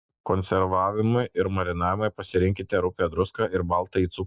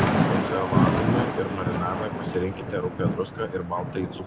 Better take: first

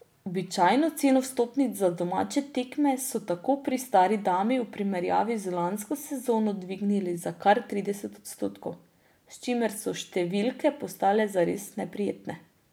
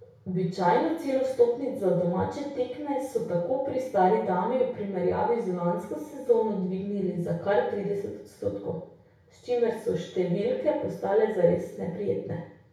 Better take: first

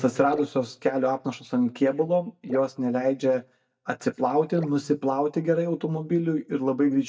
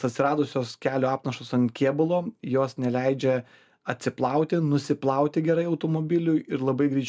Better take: second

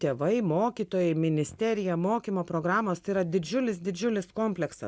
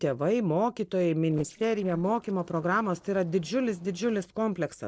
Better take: first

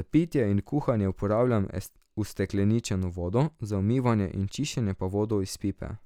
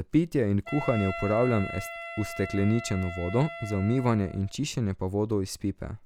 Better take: first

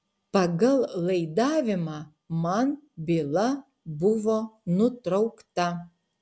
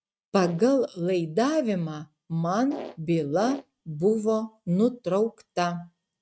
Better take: first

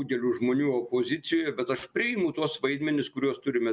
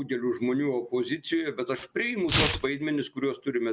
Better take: first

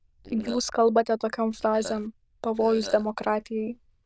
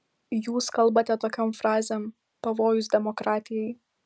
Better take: second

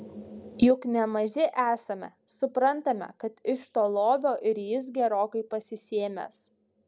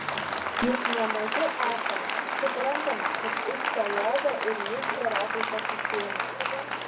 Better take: first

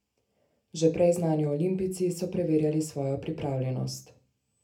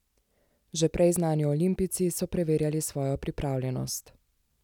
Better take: second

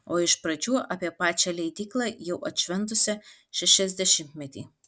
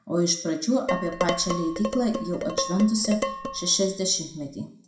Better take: first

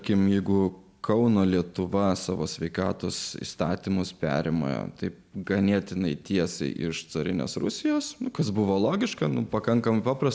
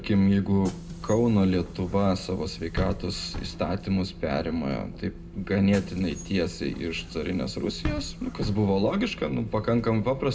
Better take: first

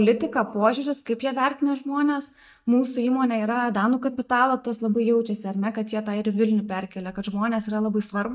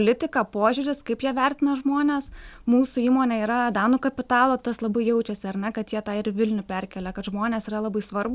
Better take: second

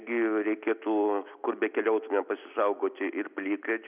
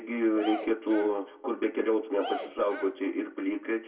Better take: first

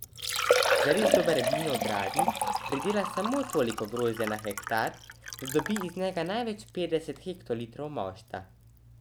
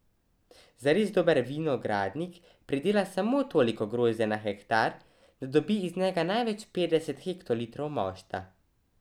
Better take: second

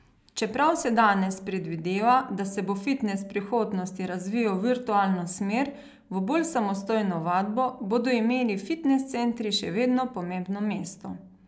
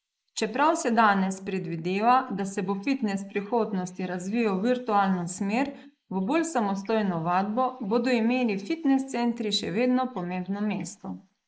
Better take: first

